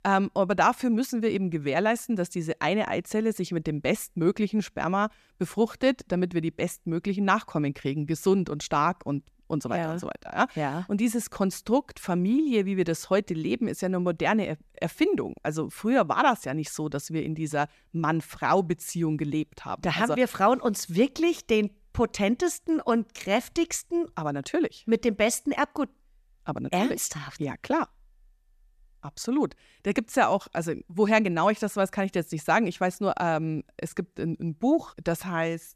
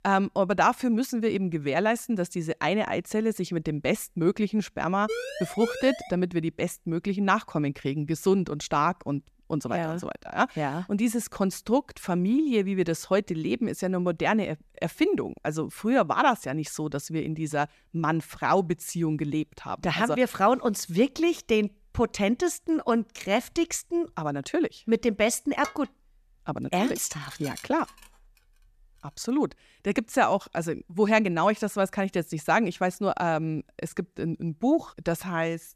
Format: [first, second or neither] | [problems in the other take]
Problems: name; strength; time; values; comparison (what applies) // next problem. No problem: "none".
first | siren; noticeable; from 5 to 6 s; peak 6 dB below the speech // clattering dishes; faint; from 26 to 28 s; peak 15 dB below the speech